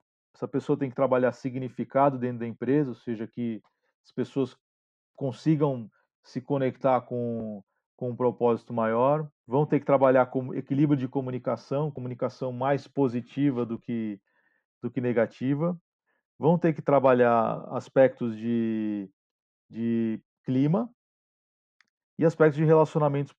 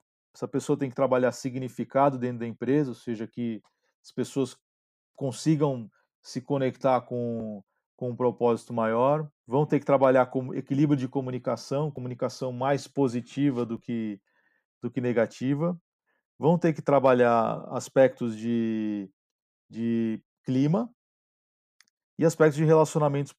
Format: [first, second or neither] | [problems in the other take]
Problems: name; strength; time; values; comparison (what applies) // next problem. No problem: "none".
second | muffled; slightly; fading above 3 kHz